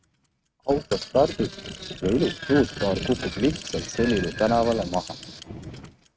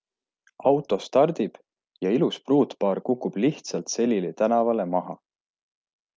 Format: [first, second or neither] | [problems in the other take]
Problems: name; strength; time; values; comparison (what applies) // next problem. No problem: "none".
second | noise reduction (neural mask model RNNoise)